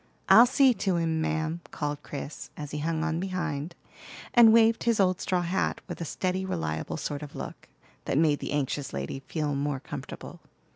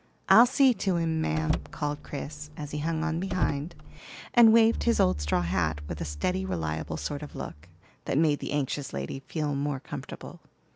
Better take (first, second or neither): first